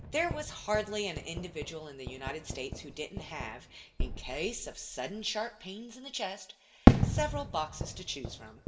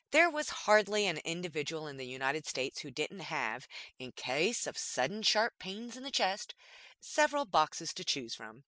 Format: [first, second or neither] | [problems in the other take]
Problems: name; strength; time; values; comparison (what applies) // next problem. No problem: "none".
second | background sound (Fireworks); 5 dB above the speech // room echo; dies away in 0.7 s